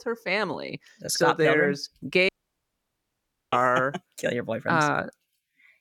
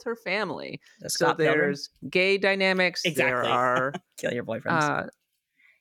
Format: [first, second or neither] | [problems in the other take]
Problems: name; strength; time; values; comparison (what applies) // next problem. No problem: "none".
second | audio cutting out; at 2.5 s for 1 s